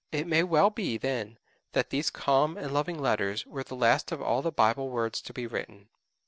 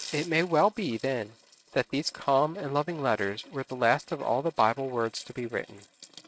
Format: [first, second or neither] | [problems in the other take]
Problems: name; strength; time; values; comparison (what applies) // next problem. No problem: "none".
first | noise reduction (neural mask model RNNoise)